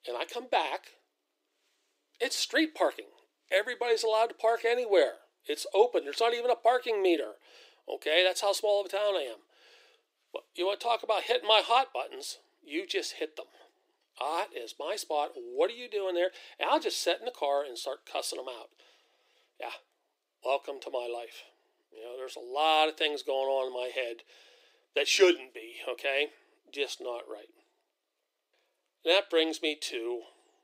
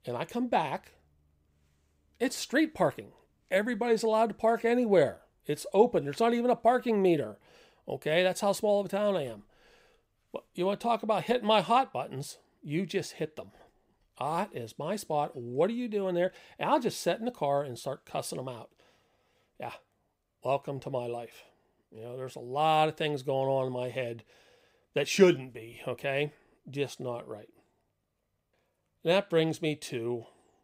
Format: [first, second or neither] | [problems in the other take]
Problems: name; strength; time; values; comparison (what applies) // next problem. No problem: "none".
second | thin; very; fading below 300 Hz